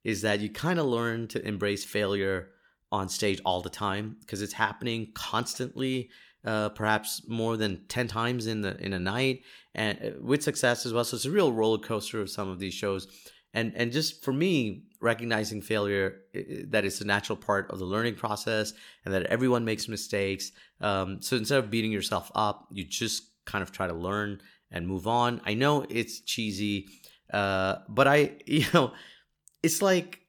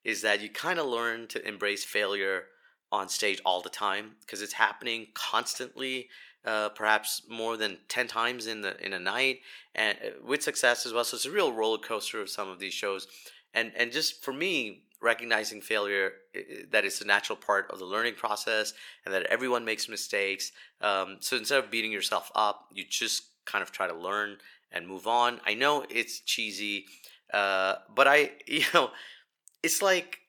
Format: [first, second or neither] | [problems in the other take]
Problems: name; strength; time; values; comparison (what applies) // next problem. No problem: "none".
first | thin; somewhat; fading below 500 Hz